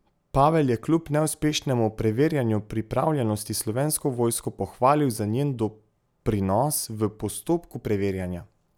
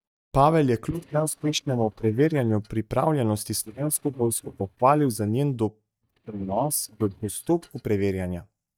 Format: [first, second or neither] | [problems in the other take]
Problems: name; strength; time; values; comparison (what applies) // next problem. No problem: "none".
first | noise reduction (neural mask model DeepFilterNet 3)